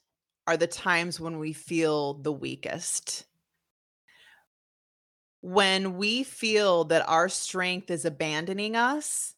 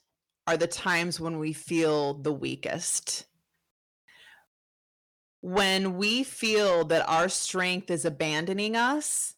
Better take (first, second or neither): first